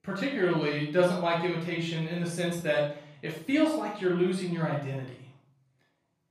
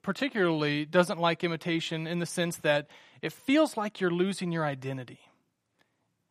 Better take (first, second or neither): second